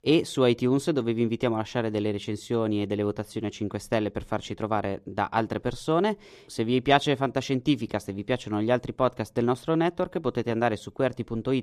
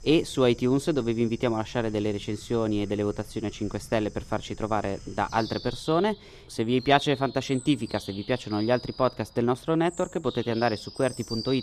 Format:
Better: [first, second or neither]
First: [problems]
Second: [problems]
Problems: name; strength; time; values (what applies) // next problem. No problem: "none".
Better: first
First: none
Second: animal sounds; noticeable; throughout; 15 dB below the speech